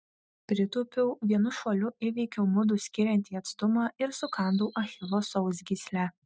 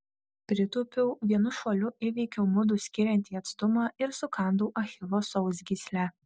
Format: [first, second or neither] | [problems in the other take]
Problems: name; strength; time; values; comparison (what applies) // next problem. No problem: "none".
second | noise reduction (neural mask model RNNoise)